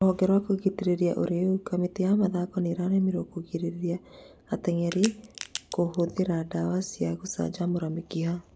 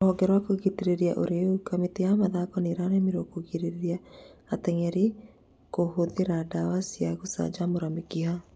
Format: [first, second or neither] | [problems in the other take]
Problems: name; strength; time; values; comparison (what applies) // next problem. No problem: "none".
second | background sound (Crack); 12 dB below the speech